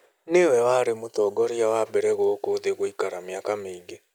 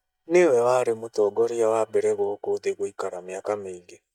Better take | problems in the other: first | noise reduction (neural mask model DeepFilterNet 3)

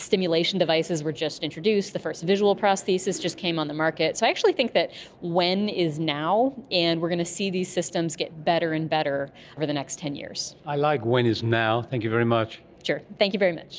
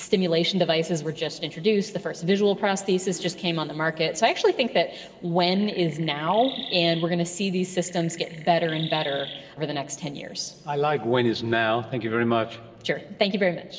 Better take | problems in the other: first | background sound (Chirp, tweet); 14 dB below the speech // room echo; dies away in 1.8 s

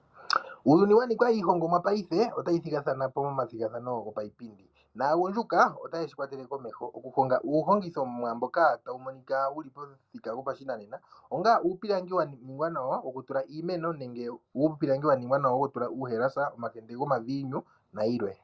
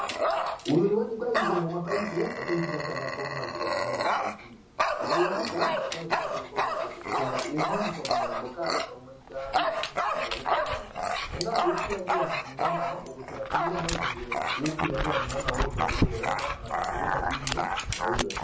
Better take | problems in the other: first | background sound (Dog); 3 dB above the speech // room echo; dies away in 0.5 s

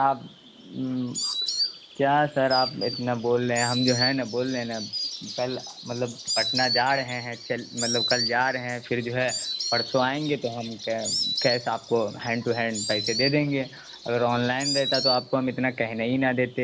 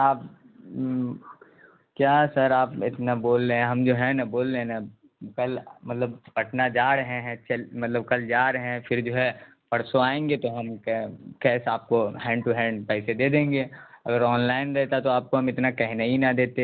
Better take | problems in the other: second | background sound (Insect); 6 dB below the speech

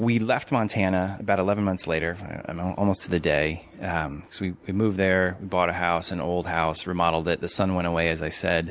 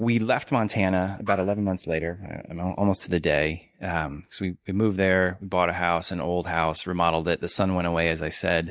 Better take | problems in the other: first | noise reduction (neural mask model DeepFilterNet 3)

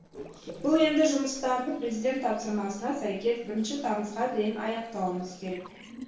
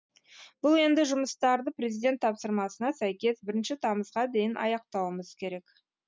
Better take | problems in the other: second | noise reduction (neural separator model SepFormer DNS4)

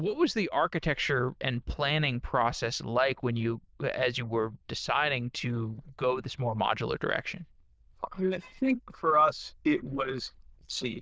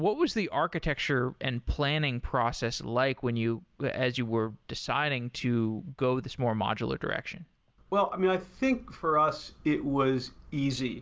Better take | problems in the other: second | noise reduction (neural diffusion model UNIVERSE++)

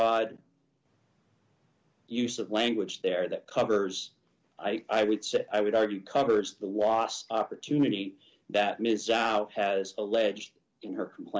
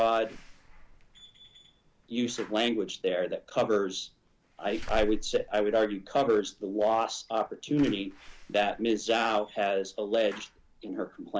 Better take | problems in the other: first | background sound (Slam / Alarm); 14 dB below the speech

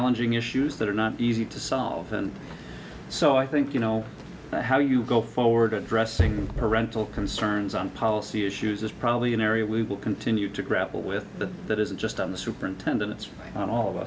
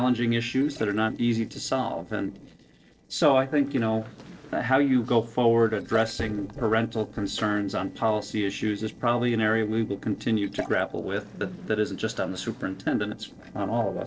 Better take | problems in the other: first | noise reduction (neural separator model SepFormer DNS4)

